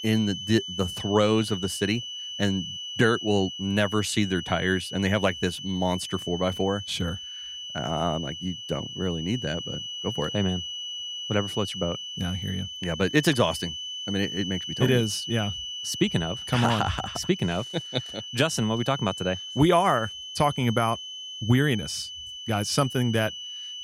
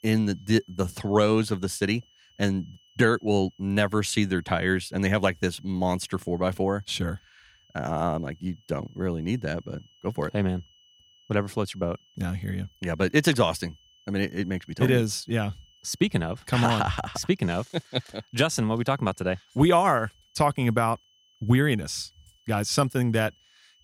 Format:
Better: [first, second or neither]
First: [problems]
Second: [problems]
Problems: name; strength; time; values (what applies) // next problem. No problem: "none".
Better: second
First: high-pitched whine; loud; throughout; 3 kHz, 7 dB below the speech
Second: high-pitched whine; faint; throughout; 3 kHz, 35 dB below the speech